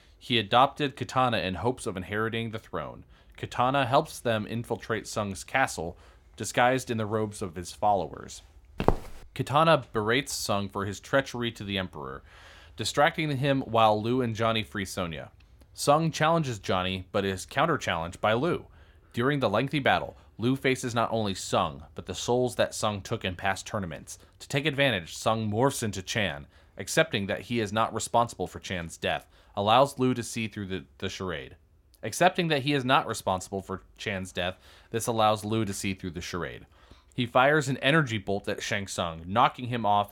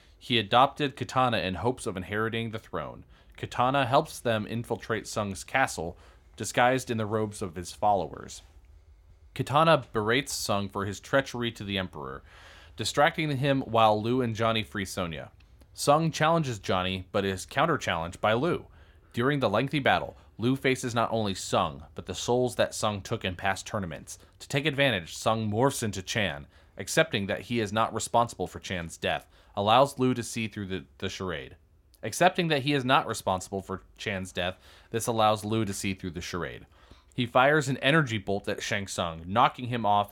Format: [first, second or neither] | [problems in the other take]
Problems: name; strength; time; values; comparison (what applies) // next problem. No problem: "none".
second | footsteps; noticeable; at 9 s; peak 1 dB below the speech